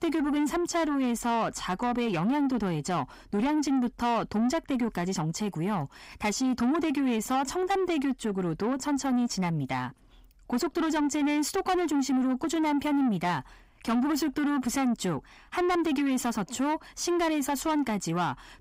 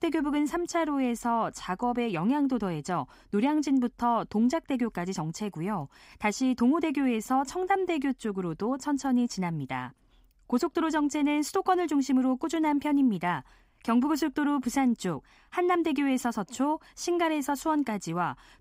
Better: second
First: distortion; slight; 10 dB below the speech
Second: none

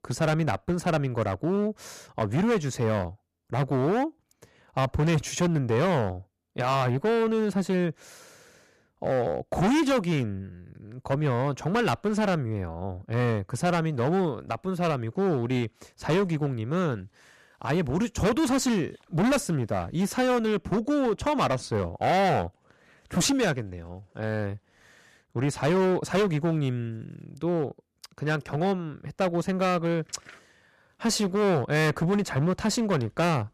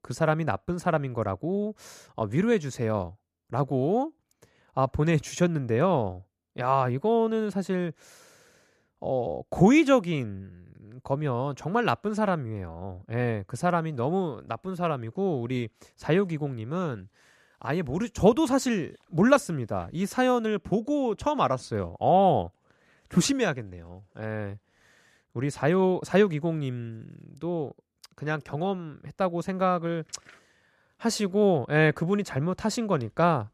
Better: second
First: distortion; heavy; 12% of the sound clipped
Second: none

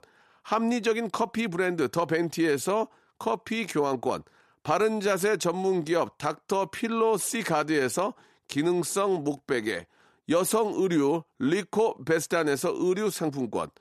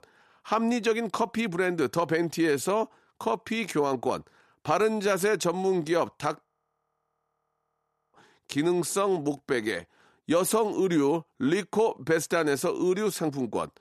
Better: first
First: none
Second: audio freezing; at 6.5 s for 1.5 s

